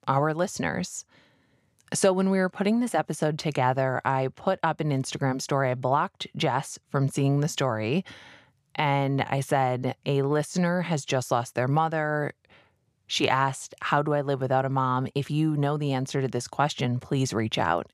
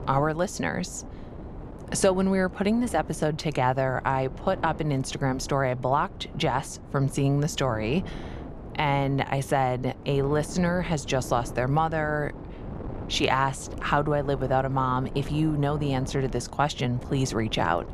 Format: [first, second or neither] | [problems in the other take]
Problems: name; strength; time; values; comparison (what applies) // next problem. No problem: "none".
first | wind noise on the microphone; occasional gusts; 15 dB below the speech